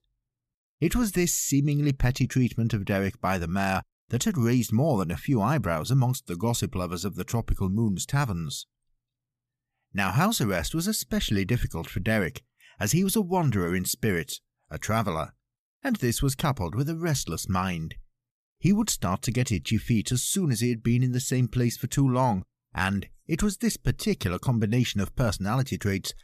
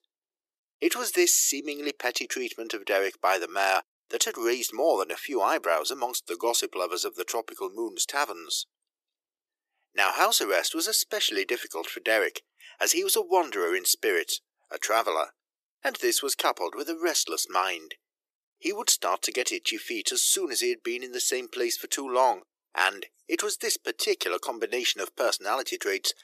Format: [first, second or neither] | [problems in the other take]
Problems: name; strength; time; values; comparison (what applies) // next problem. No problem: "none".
first | thin; very; fading below 350 Hz